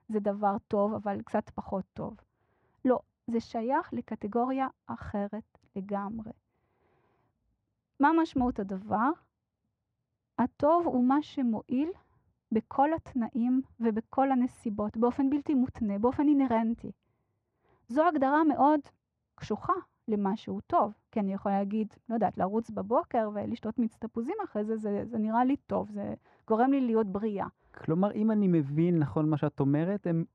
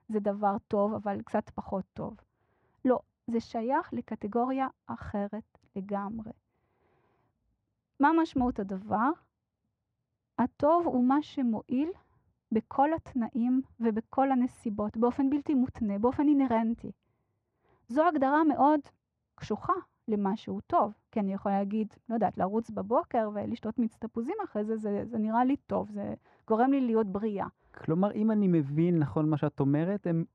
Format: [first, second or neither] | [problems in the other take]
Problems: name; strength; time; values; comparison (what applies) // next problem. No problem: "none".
neither | muffled; very; fading above 3.5 kHz; the same in both